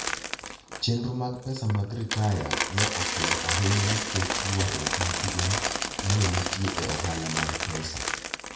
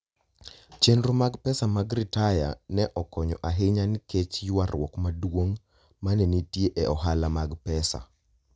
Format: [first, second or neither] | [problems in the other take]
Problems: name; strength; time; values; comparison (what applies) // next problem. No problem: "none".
second | background sound (Coin (dropping)); 1 dB below the speech // room echo; dies away in 0.6 s